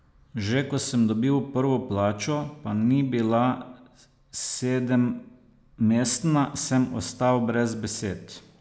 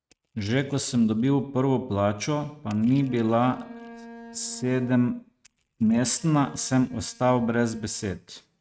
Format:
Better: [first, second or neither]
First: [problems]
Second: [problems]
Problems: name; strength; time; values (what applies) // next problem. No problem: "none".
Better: first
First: none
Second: noise reduction (neural mask model RNNoise)